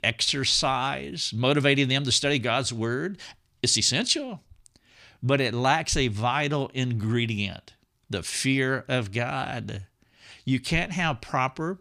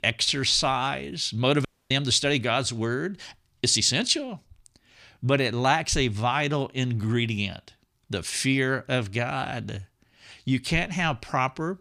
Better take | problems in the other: first | audio cutting out; at 1.5 s

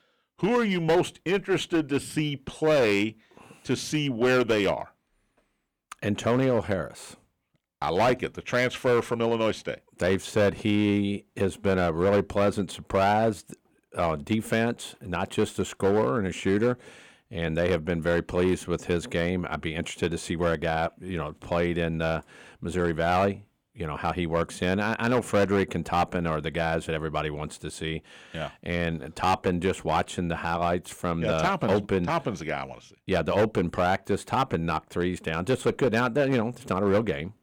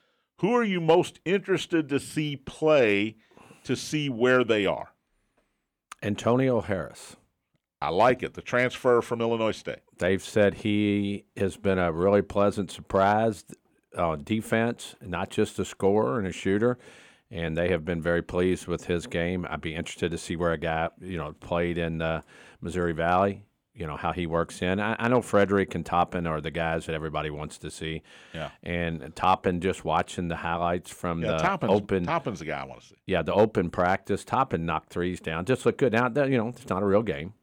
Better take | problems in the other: second | distortion; slight; 6% of the sound clipped

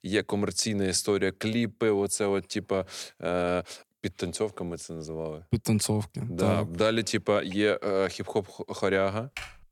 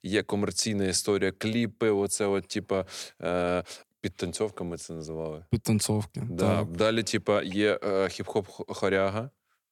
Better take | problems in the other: second | keyboard typing; faint; at 9.5 s; peak 10 dB below the speech

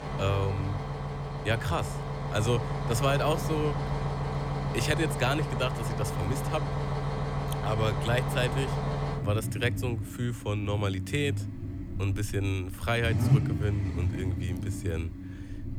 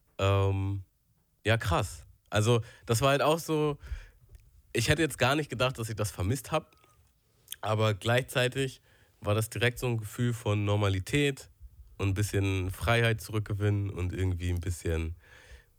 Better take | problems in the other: second | traffic noise; loud; throughout; 1 dB below the speech

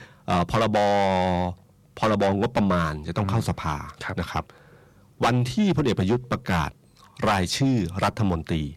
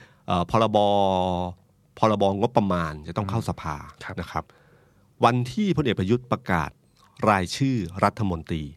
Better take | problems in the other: second | distortion; heavy; 6 dB below the speech

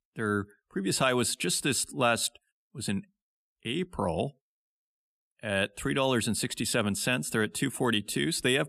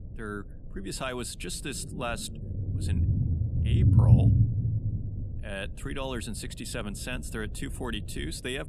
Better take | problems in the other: first | low rumble; loud; throughout; 2 dB below the speech

